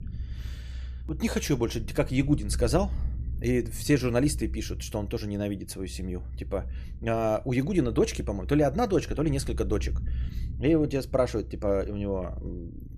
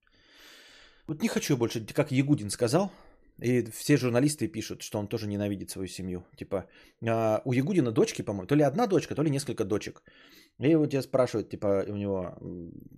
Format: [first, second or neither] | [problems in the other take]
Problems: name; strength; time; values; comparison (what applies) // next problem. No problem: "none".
second | low rumble; faint; throughout; 25 dB below the speech